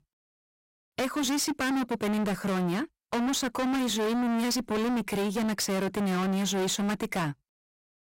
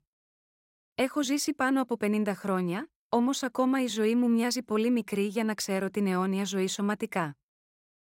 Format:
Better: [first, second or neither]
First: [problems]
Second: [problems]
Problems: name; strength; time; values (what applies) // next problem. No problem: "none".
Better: second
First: distortion; heavy; 37% of the sound clipped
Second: none